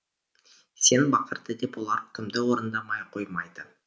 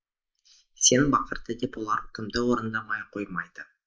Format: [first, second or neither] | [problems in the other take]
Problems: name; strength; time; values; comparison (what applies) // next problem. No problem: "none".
first | noise reduction (neural mask model Resemble Enhance denoiser)